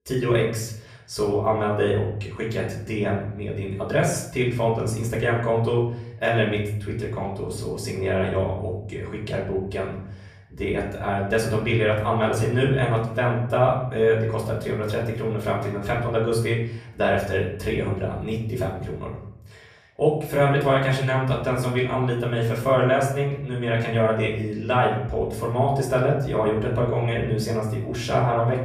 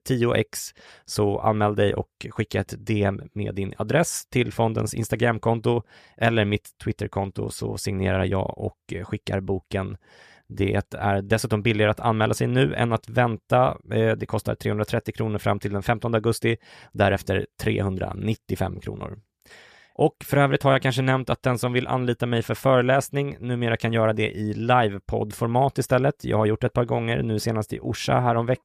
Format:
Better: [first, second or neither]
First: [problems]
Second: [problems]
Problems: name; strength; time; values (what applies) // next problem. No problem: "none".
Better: second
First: off-mic speech; far // room echo; noticeable; dies away in 0.7 s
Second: none